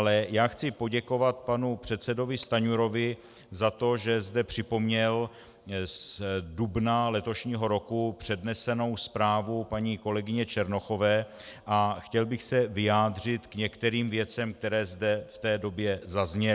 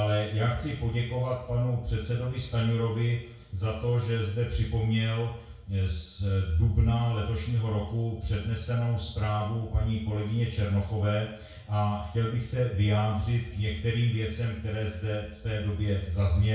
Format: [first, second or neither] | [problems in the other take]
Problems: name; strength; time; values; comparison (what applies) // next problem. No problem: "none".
first | room echo; dies away in 0.6 s